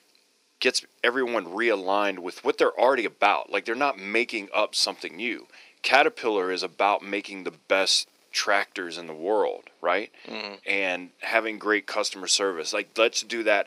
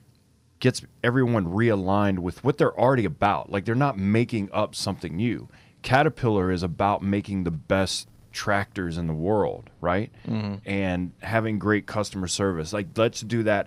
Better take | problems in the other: second | thin; very; fading below 350 Hz

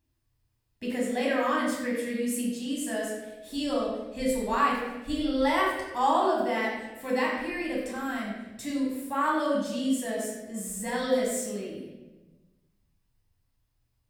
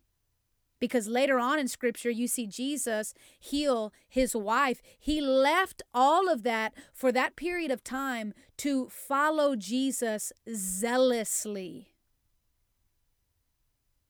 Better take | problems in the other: second | off-mic speech; far // room echo; noticeable; dies away in 1.1 s

